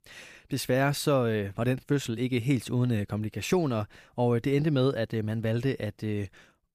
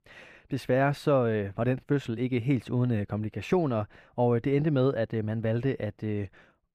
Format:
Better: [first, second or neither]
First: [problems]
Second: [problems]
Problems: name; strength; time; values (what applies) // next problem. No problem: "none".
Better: first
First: none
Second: muffled; slightly; fading above 4 kHz